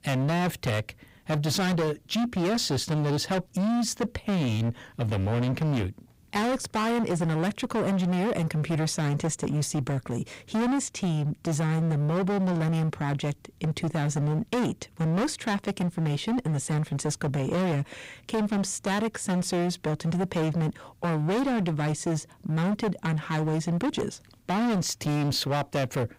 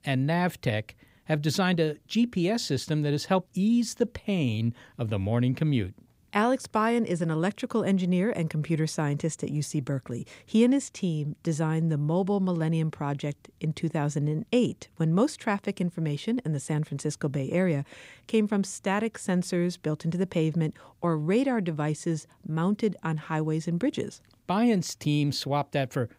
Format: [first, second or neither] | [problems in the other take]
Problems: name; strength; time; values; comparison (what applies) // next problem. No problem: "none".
second | distortion; heavy; 29% of the sound clipped